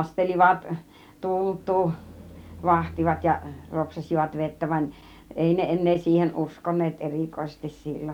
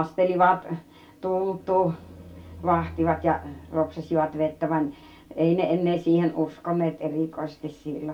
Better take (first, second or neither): first